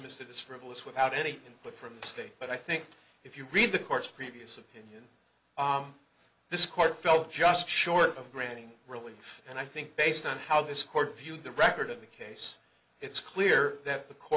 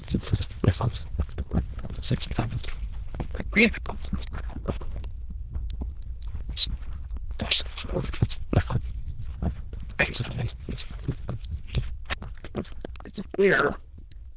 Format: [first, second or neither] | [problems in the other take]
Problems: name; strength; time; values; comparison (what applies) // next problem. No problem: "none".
first | noise reduction (neural diffusion model UNIVERSE++)